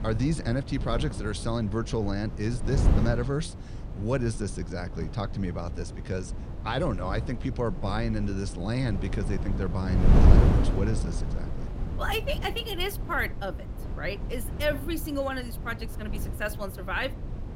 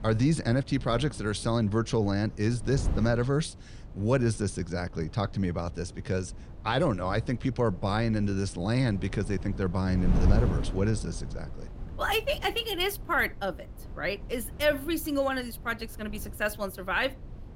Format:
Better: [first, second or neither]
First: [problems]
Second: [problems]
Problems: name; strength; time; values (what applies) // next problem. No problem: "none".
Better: second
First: wind noise on the microphone; heavy; 8 dB below the speech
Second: wind noise on the microphone; occasional gusts; 20 dB below the speech